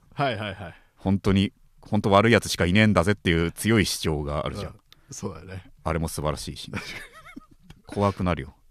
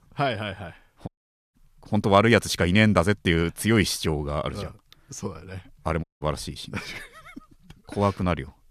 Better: first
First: none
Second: audio cutting out; at 1 s and at 6 s

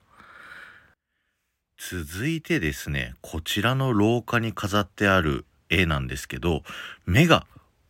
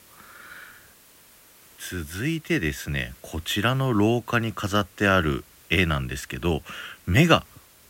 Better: first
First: none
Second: hiss; faint; throughout; 25 dB below the speech

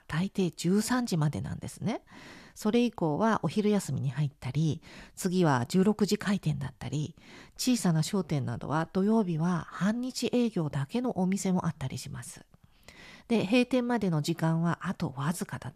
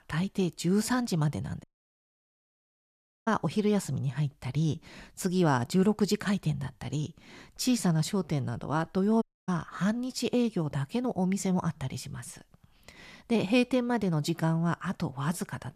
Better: first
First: none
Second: audio cutting out; at 1.5 s for 1.5 s and at 9 s

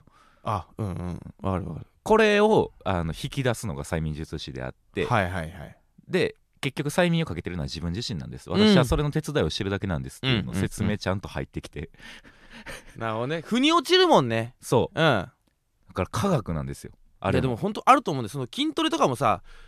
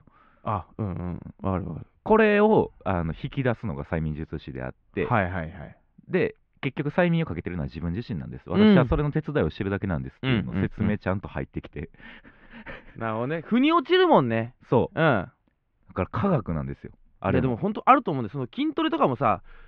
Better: first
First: none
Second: muffled; very; fading above 2.5 kHz

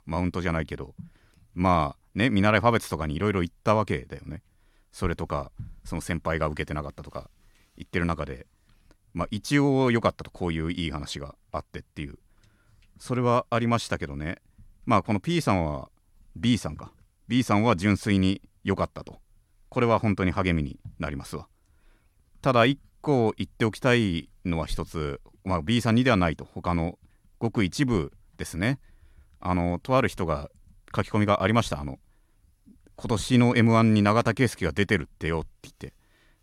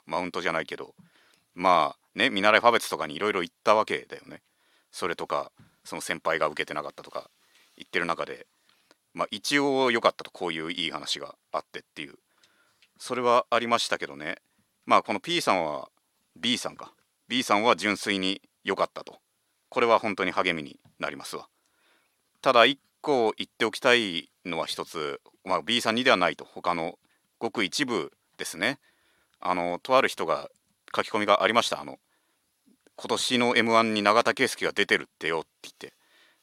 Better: first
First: none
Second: thin; somewhat; fading below 400 Hz

